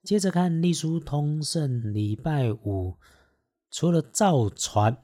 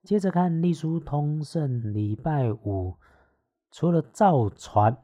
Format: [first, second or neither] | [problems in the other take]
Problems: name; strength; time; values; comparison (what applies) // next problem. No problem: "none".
first | muffled; very; fading above 2.5 kHz